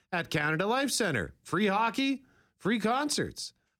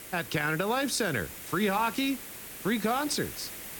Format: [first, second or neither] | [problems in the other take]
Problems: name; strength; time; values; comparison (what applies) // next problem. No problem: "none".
first | hiss; noticeable; throughout; 10 dB below the speech